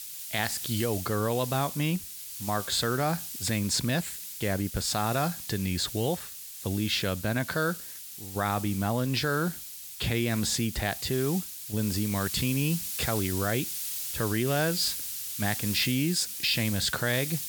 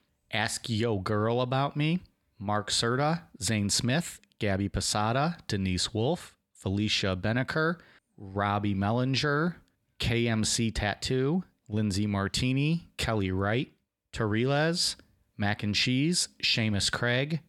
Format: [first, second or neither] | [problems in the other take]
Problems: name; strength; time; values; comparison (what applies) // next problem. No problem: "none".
second | hiss; loud; throughout; 6 dB below the speech